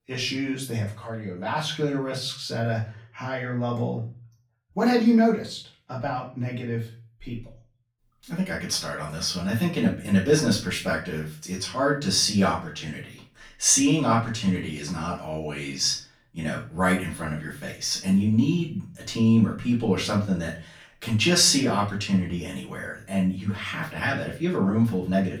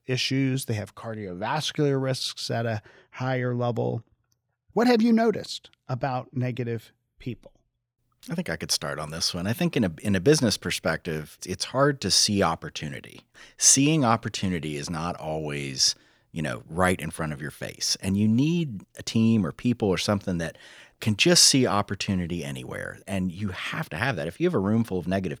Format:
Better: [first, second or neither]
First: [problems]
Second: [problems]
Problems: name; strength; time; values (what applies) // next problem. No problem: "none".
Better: second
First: off-mic speech; far // room echo; slight; dies away in 0.3 s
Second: none